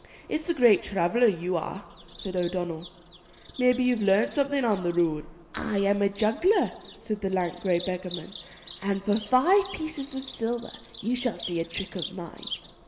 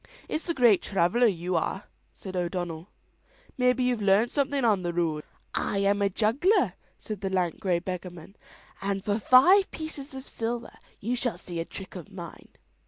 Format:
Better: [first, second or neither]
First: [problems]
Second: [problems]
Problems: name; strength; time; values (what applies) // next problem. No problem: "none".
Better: second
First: background sound (Bird vocalization, bird call, bird song); 18 dB below the speech // room echo; dies away in 1.3 s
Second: none